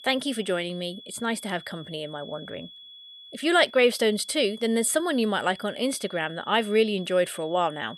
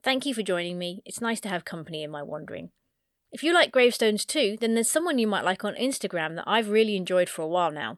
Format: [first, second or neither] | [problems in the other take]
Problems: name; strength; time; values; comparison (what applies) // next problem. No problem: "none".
second | high-pitched whine; noticeable; throughout; 3.5 kHz, 20 dB below the speech